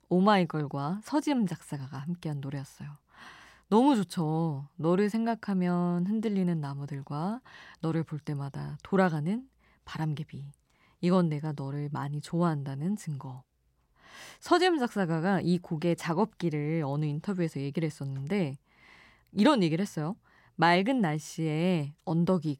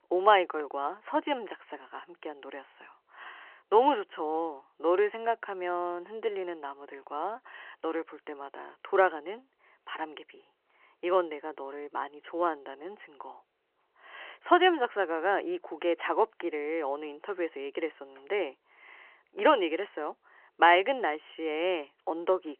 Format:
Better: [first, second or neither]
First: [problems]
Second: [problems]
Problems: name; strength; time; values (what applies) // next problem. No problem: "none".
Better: first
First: none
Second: phone-call audio; nothing above 3 kHz